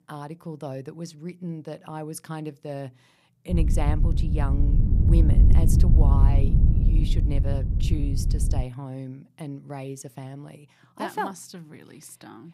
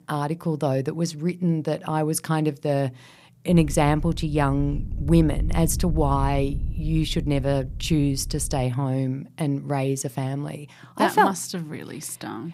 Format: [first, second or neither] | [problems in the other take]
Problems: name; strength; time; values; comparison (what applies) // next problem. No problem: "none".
second | low rumble; loud; from 3.5 to 8.5 s; 1 dB below the speech; faint in the second